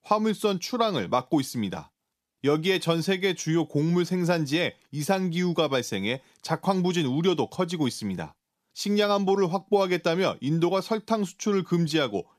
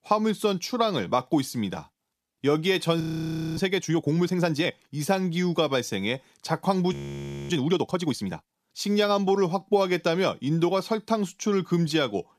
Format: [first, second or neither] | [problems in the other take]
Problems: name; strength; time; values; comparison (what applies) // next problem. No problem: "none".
first | audio freezing; at 3 s for 0.5 s and at 7 s for 0.5 s